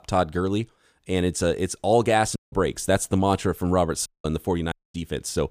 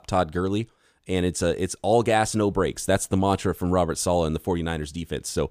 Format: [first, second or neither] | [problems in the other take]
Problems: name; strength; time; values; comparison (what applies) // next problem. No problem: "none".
second | audio cutting out; at 2.5 s, at 4 s and at 4.5 s